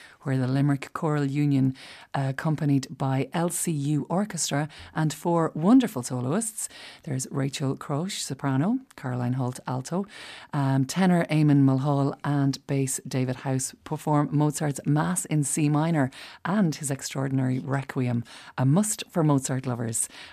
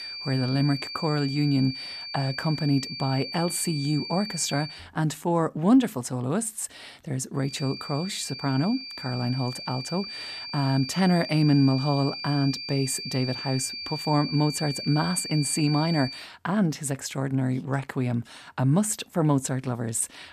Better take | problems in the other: first | high-pitched whine; loud; until 4.5 s and from 7.5 to 16 s; 4.5 kHz, 8 dB below the speech

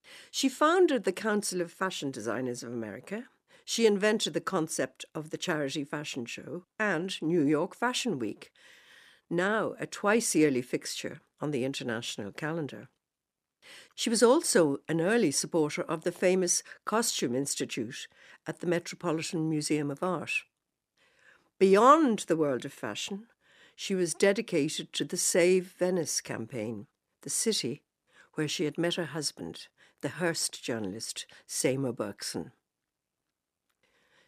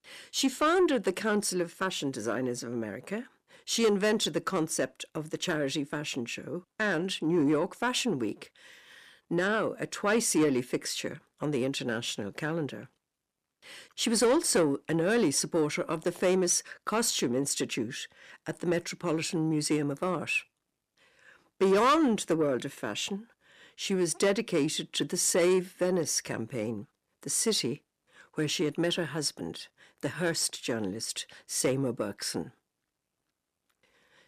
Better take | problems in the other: first | distortion; slight; 10 dB below the speech

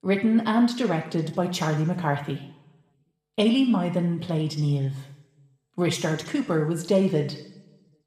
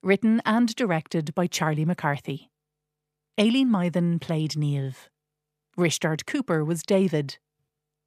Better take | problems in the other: second | room echo; slight; dies away in 0.8 s

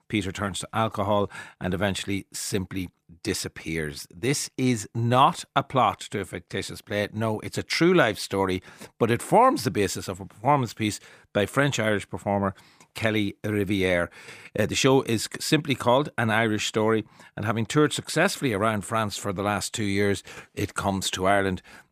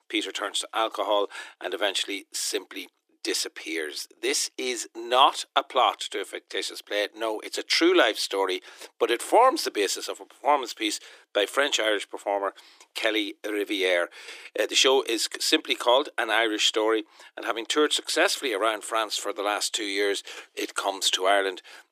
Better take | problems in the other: first | thin; very; fading below 300 Hz

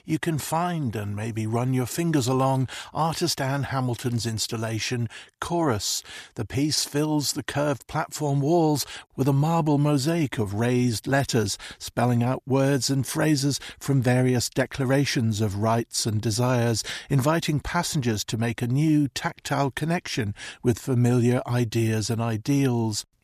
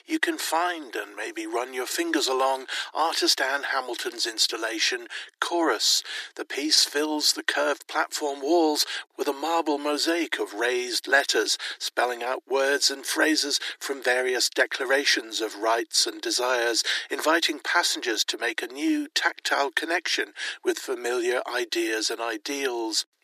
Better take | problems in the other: first | thin; very; fading below 300 Hz

